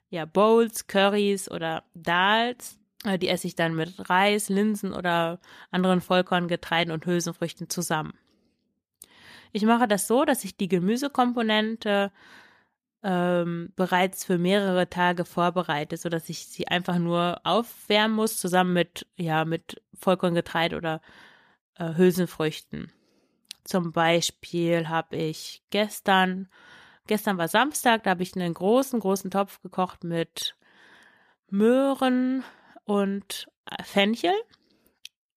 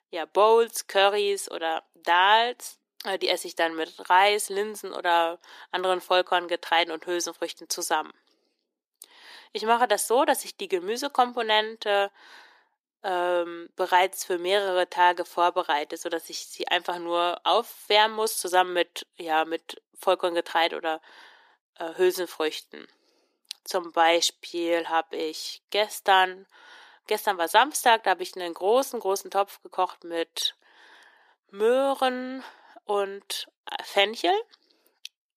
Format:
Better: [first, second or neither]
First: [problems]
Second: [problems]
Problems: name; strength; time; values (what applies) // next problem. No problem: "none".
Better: first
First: none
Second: thin; very; fading below 350 Hz